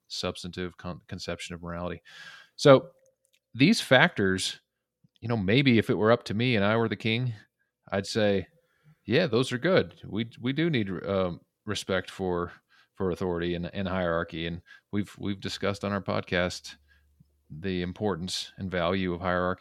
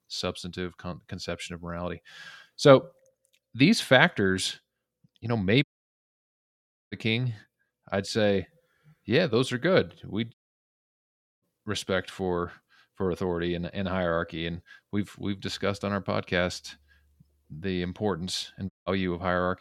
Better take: first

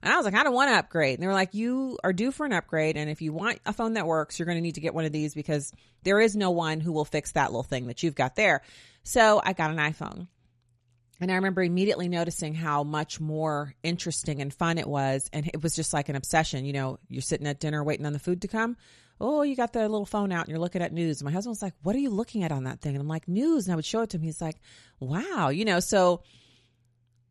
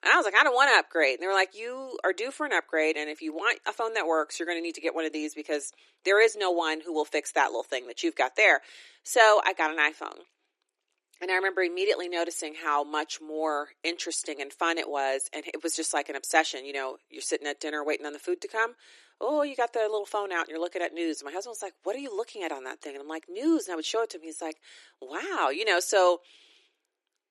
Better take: first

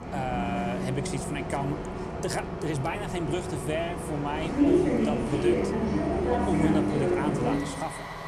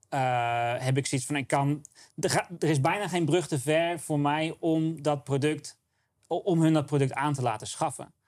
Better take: second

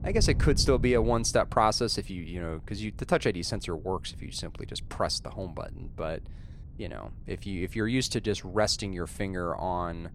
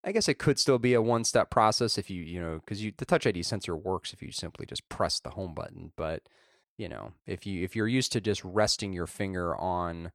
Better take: second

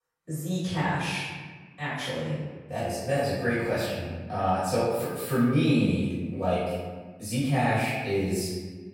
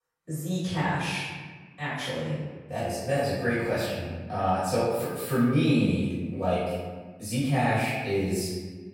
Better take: neither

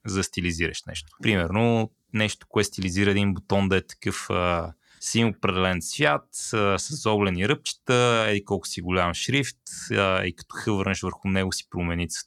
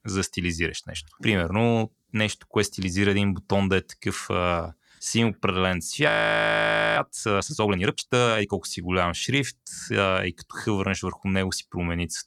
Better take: first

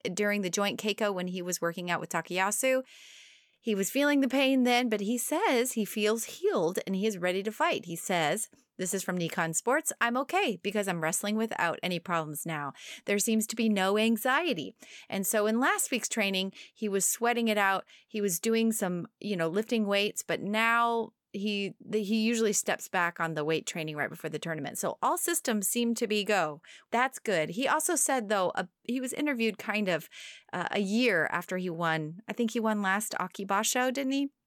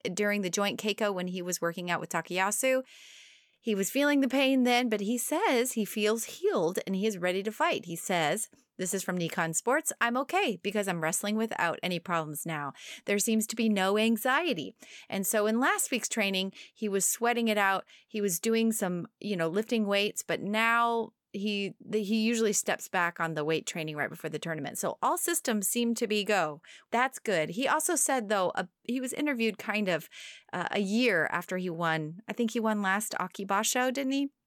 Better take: neither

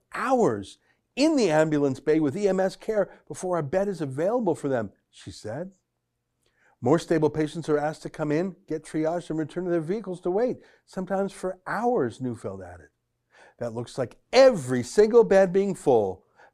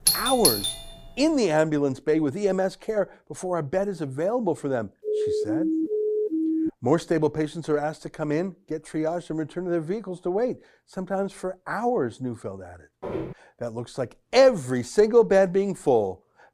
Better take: first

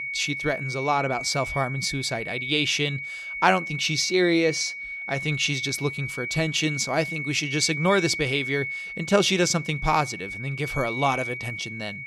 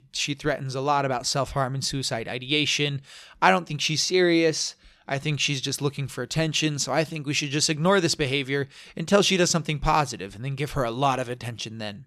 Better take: second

